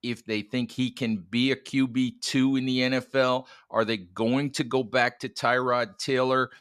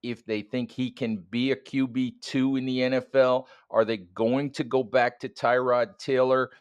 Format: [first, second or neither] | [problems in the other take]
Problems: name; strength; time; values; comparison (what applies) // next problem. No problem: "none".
first | muffled; slightly; fading above 3.5 kHz